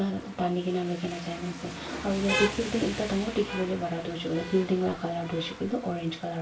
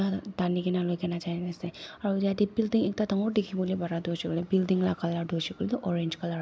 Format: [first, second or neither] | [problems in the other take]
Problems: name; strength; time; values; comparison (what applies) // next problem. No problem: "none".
second | background sound (Rain); 8 dB below the speech // room echo; dies away in 0.3 s